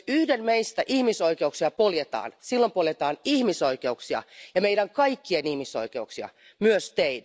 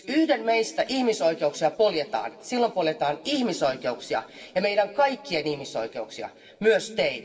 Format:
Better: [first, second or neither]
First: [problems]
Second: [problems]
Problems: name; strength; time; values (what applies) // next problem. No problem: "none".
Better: first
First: none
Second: room echo; dies away in 1.9 s